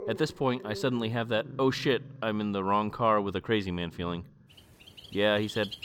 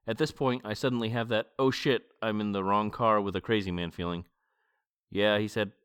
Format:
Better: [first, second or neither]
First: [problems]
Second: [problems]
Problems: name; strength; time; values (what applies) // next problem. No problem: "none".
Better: second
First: animal sounds; noticeable; throughout; 15 dB below the speech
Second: none